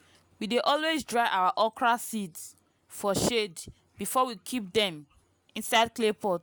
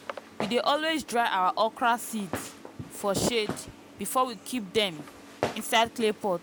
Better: first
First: none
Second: background sound (Walk, footsteps); 12 dB below the speech

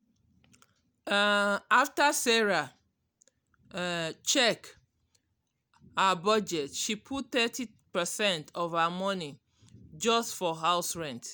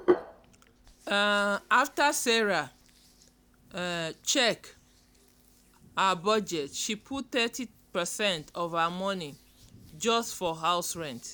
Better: first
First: none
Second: background sound (Hands); 10 dB below the speech

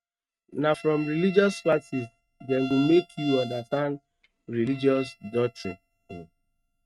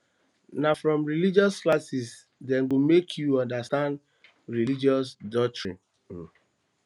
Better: second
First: noise reduction (neural mask model RNNoise)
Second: none

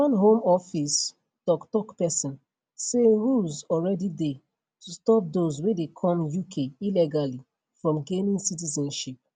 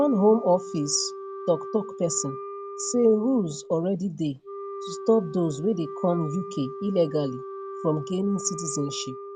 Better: first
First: none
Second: background sound (Wind instrument, woodwind instrument); 11 dB below the speech

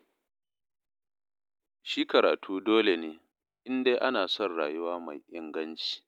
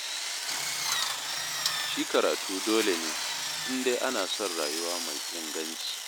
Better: first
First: none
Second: background sound (Drill); as loud as the speech

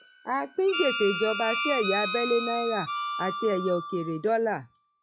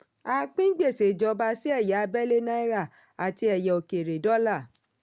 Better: second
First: noise reduction (classical method log-MMSE)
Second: none

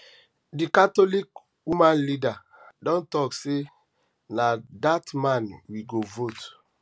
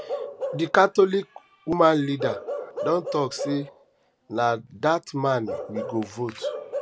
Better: first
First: none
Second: background sound (Bark / Livestock, farm animals, working animals); 10 dB below the speech

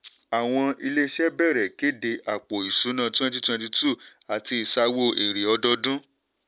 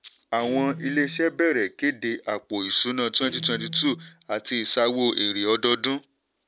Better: first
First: none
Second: background sound (Guitar); 17 dB below the speech

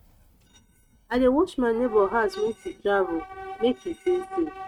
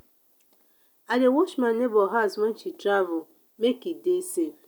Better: second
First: noise reduction (neural mask model RNNoise)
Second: none

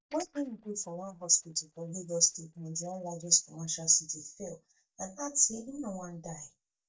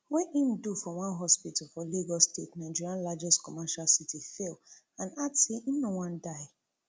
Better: second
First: noise reduction (neural mask model DeepFilterNet 3)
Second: none

